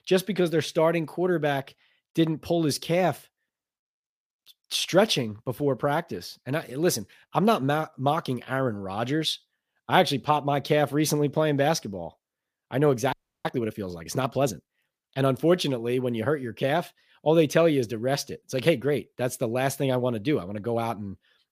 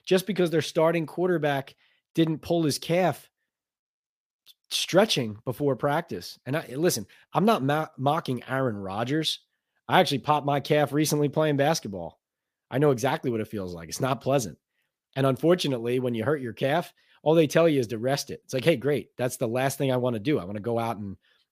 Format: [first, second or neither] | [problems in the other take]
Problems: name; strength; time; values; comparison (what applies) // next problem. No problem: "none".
second | audio freezing; at 13 s